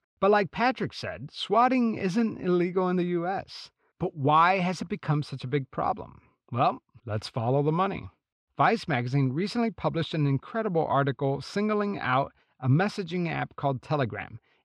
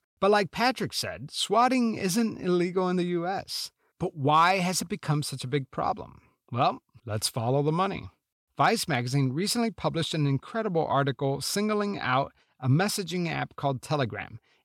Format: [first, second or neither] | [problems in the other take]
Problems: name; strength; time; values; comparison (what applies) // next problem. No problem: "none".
second | muffled; slightly; fading above 3 kHz